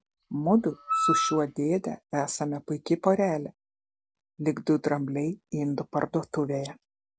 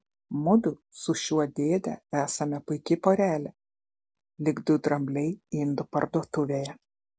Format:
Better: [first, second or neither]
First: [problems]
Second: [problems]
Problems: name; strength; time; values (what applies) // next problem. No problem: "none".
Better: second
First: background sound (Wind instrument, woodwind instrument); 2 dB below the speech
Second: none